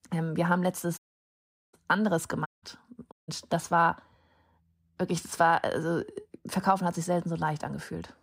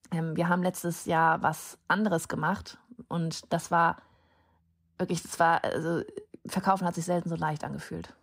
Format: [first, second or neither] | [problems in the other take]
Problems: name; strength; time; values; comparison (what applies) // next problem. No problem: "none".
second | audio cutting out; at 1 s for 1 s, at 2.5 s and at 3 s